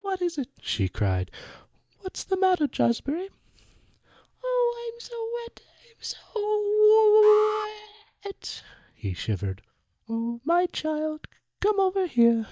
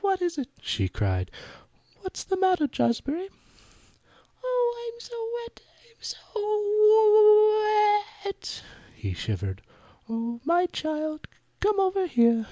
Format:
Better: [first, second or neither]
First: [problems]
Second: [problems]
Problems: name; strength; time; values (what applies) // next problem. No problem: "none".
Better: second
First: noise reduction (neural mask model DeepFilterNet 3)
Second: none